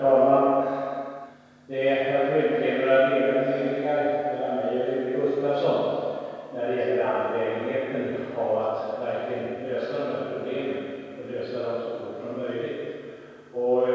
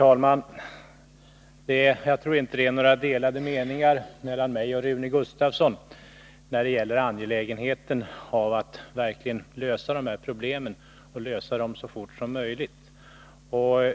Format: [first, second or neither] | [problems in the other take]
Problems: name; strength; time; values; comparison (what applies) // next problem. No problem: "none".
second | room echo; dies away in 2.2 s